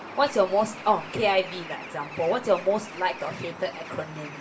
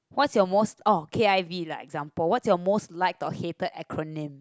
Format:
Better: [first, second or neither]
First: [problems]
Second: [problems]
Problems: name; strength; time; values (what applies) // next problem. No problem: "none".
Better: second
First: background sound (Bird); 13 dB below the speech // room echo; dies away in 0.2 s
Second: none